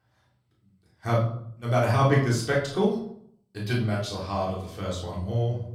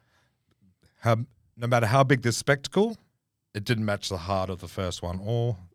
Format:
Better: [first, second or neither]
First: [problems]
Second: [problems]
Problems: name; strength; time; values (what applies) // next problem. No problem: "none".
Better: second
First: off-mic speech; far // room echo; noticeable; dies away in 0.5 s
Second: none